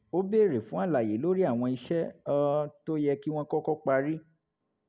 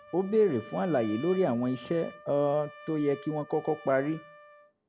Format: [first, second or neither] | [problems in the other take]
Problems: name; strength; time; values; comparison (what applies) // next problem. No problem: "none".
first | background sound (Trumpet); 19 dB below the speech